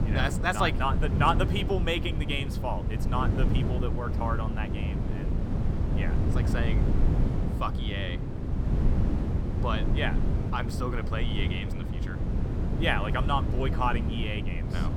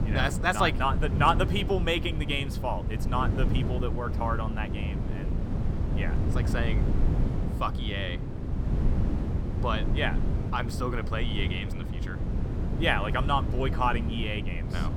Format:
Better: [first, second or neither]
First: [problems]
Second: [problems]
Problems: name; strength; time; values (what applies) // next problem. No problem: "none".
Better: second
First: wind noise on the microphone; heavy; 8 dB below the speech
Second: wind noise on the microphone; occasional gusts; 10 dB below the speech